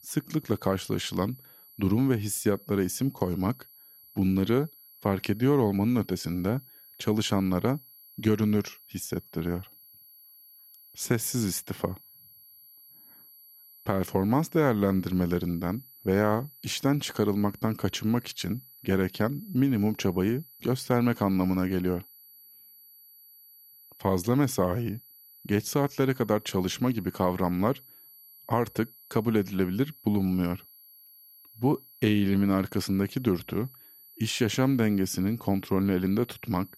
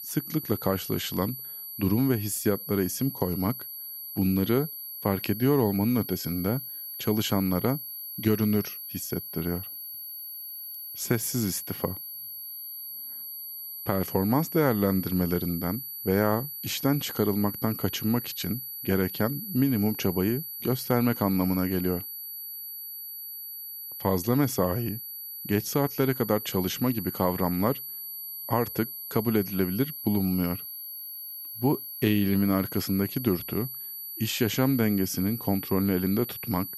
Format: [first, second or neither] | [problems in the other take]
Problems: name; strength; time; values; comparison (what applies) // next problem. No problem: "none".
first | high-pitched whine; loud; throughout; 12 kHz, 8 dB below the speech; faint in the first